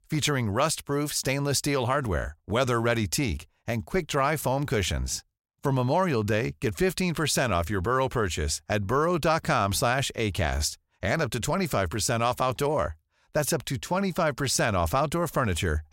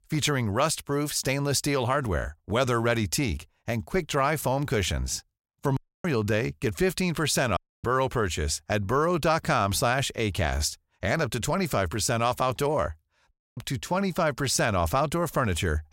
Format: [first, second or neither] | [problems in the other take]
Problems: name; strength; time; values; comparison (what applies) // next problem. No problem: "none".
first | audio cutting out; at 6 s, at 7.5 s and at 13 s